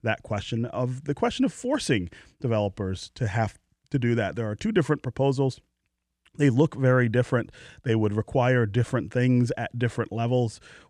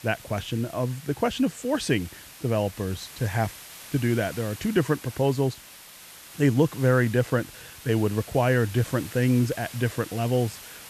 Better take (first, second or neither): first